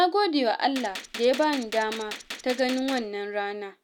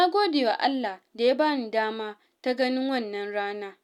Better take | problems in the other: second | background sound (Gunshot, gunfire); 13 dB below the speech

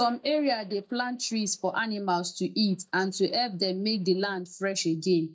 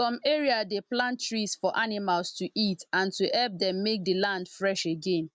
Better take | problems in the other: second | noise reduction (neural mask model DeepFilterNet 3)

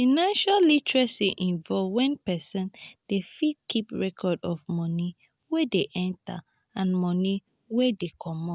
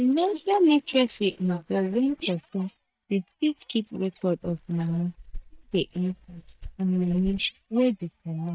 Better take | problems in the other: first | noise reduction (neural mask model DeepFilterNet 3)

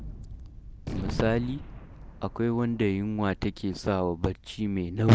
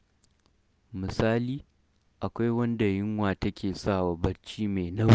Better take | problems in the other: second | background sound (Gunshot, gunfire); 13 dB below the speech

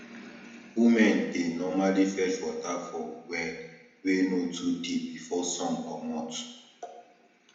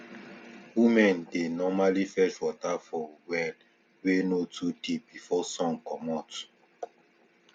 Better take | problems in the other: second | room echo; dies away in 0.9 s

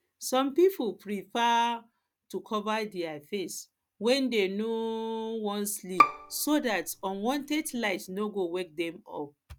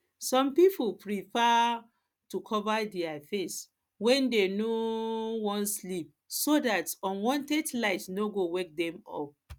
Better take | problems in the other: second | background sound (Bowed string instrument); 1 dB below the speech

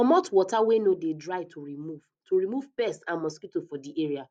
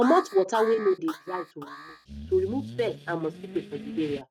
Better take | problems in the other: first | noise reduction (neural mask model RNNoise)

